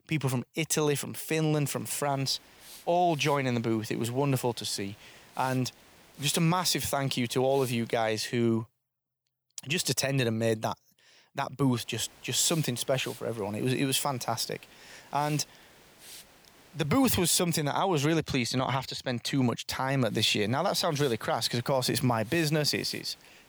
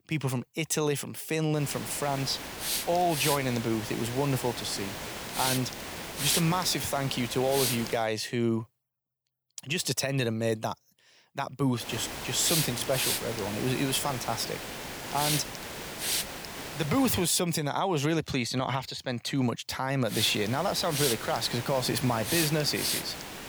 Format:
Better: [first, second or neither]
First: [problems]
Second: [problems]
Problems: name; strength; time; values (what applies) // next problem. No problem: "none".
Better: first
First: hiss; faint; from 1.5 to 8 s, from 12 to 17 s and from 20 s on; 20 dB below the speech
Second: hiss; loud; from 1.5 to 8 s, from 12 to 17 s and from 20 s on; 3 dB below the speech